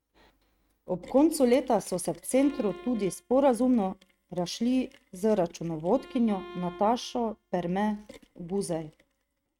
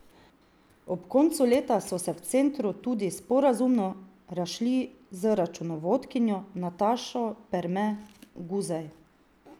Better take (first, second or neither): second